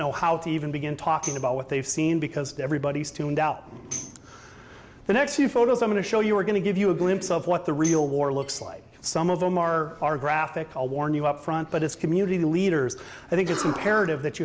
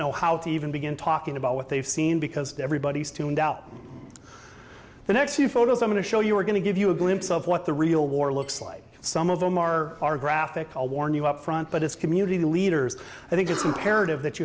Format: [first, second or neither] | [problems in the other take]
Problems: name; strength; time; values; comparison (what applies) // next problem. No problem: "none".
second | background sound (Tambourine); 16 dB below the speech